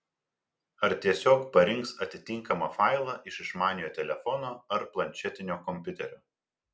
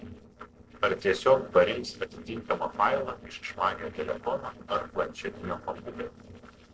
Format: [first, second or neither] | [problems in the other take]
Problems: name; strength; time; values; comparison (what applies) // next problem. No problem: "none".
first | noise reduction (neural separator model SepFormer DNS4)